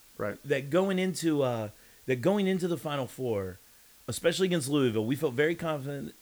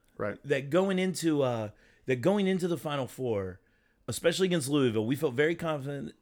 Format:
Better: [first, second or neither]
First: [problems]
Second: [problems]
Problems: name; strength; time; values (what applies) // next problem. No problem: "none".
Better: second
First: hiss; faint; throughout; 25 dB below the speech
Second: none